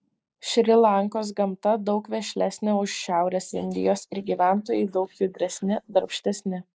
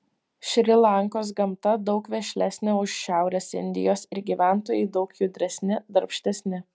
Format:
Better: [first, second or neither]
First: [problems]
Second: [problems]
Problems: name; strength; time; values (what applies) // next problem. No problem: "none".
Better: second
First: noise reduction (neural mask model Resemble Enhance denoiser)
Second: none